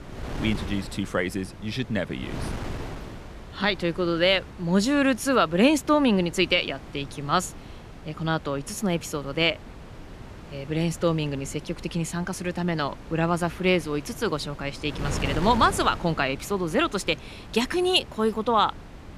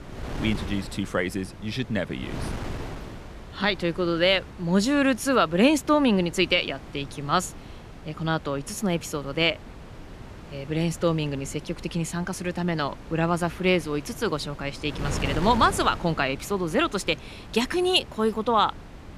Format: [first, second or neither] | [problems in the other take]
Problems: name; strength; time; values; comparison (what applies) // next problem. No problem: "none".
neither | wind noise on the microphone; occasional gusts; 15 dB below the speech; the same in both